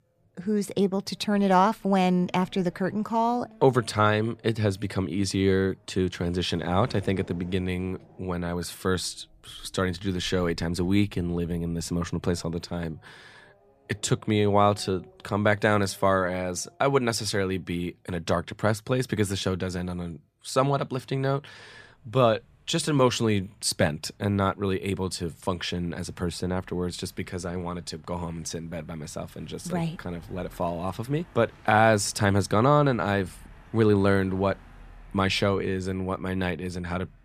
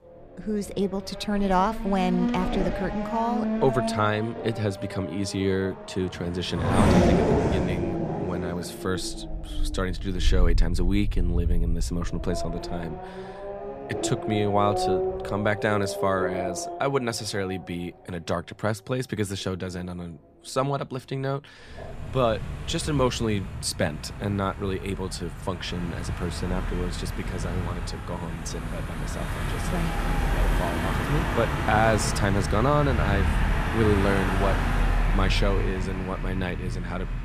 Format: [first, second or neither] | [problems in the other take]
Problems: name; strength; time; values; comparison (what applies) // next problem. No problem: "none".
first | traffic noise; loud; throughout; 1 dB below the speech; faint in the first